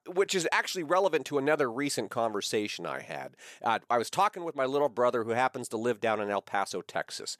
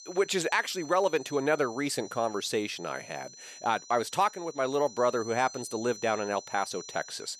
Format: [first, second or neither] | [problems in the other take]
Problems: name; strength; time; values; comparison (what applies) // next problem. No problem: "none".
first | high-pitched whine; noticeable; throughout; 6 kHz, 15 dB below the speech